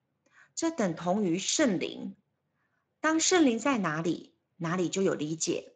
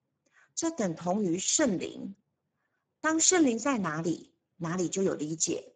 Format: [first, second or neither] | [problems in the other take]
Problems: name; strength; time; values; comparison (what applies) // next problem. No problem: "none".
first | garbled, watery; badly; nothing above 7.5 kHz; slightly in the first